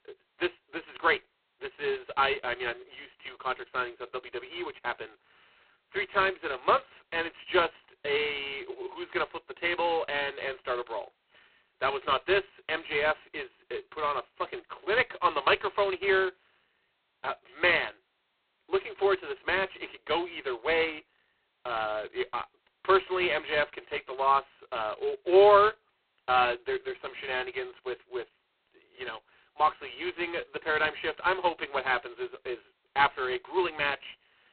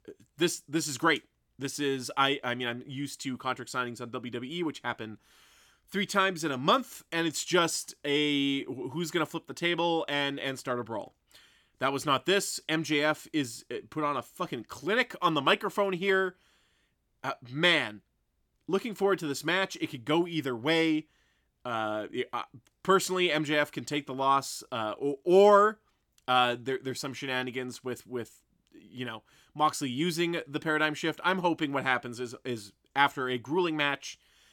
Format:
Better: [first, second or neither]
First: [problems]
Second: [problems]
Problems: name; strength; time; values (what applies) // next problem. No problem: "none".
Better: second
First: phone-call audio; poor line; nothing above 4 kHz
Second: none